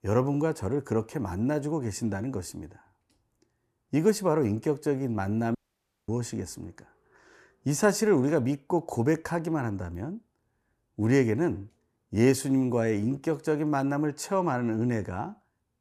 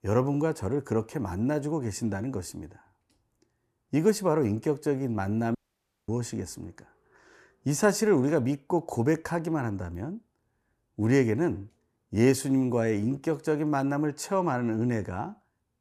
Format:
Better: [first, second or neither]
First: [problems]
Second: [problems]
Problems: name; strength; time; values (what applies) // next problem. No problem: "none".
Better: neither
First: audio cutting out; at 5.5 s for 0.5 s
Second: audio cutting out; at 5.5 s for 0.5 s